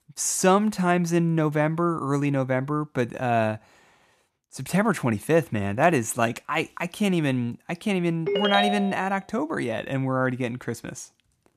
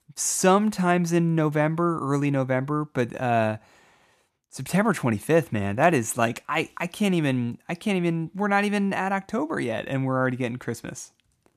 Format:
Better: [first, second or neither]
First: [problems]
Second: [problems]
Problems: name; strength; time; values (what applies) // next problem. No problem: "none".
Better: second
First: phone ringing; loud; at 8.5 s; peak 1 dB above the speech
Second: none